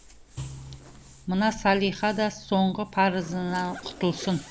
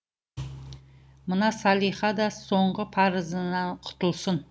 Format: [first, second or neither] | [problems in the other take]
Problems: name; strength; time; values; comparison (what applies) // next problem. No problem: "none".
second | background sound (Zipper (clothing)); 18 dB below the speech